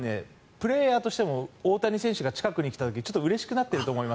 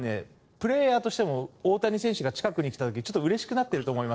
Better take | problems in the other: first | noise reduction (neural separator model SepFormer DNS4)

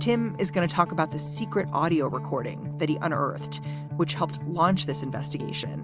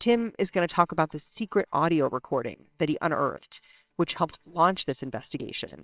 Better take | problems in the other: first | noise reduction (neural separator model SepFormer WHAMR!)

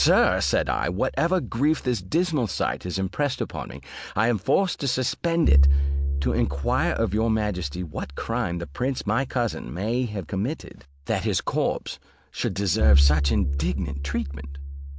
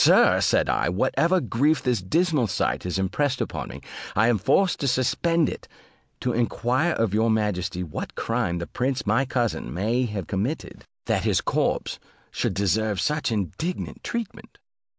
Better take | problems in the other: second | background sound (Bowed string instrument); 2 dB below the speech

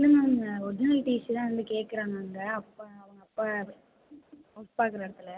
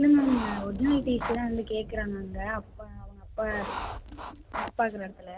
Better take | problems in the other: first | background sound (Writing + Thunder); 9 dB below the speech

